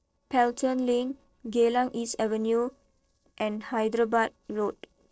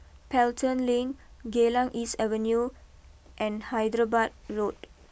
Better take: second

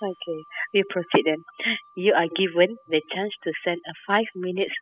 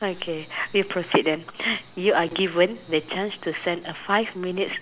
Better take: second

